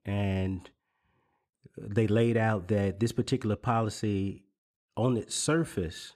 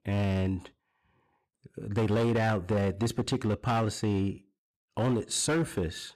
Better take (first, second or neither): first